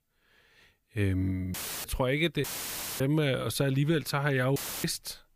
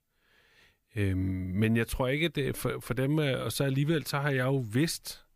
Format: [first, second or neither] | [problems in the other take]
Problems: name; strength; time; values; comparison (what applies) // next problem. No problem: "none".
second | audio cutting out; filled with static; at 1.5 s, at 2.5 s for 0.5 s and at 4.5 s